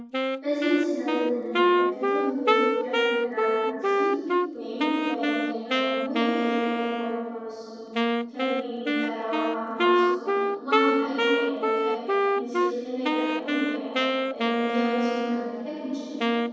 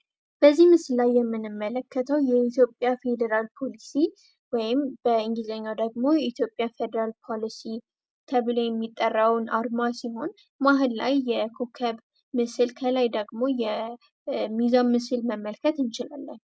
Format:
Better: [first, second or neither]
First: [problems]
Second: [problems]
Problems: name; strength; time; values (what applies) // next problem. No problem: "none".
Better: second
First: background sound (Wind instrument, woodwind instrument); 5 dB above the speech // room echo; dies away in 2.1 s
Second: none